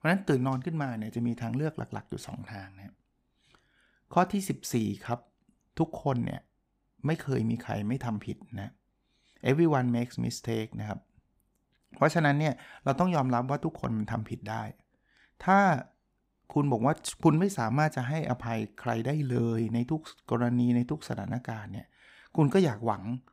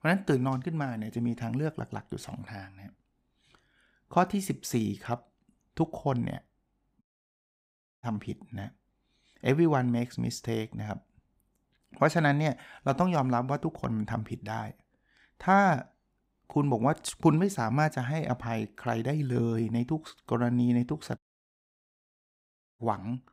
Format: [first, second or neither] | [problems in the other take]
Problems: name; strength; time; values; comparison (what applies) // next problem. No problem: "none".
first | audio cutting out; at 7 s for 1 s and at 21 s for 1.5 s